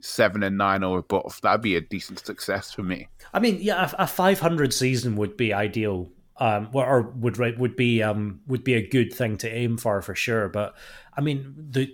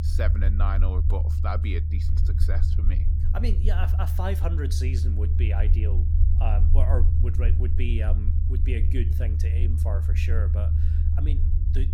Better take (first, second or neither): first